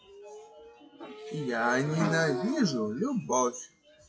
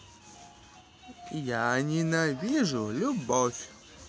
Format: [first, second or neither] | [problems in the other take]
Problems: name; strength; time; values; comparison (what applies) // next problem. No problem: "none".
second | noise reduction (classical method WPE with log-MMSE)